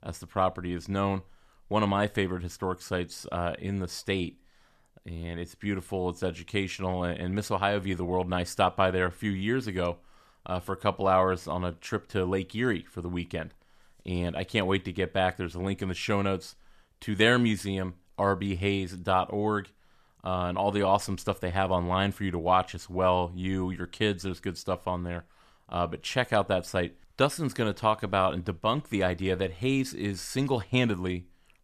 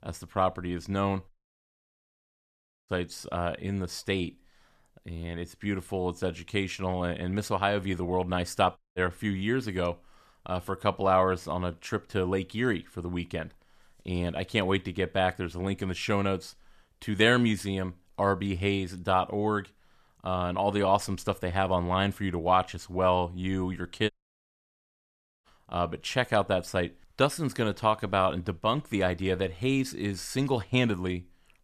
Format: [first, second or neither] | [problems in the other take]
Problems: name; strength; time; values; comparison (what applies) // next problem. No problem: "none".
first | audio cutting out; at 1.5 s for 1.5 s, at 9 s and at 24 s for 1.5 s